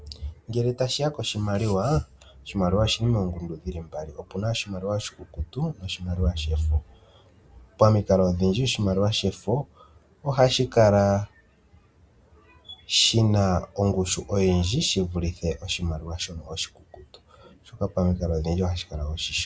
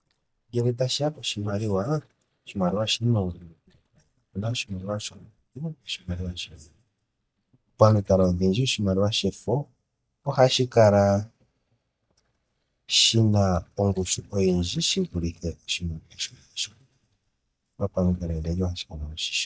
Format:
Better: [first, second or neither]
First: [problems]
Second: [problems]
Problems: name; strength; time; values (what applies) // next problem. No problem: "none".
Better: first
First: none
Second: noise reduction (neural mask model DeepFilterNet 3)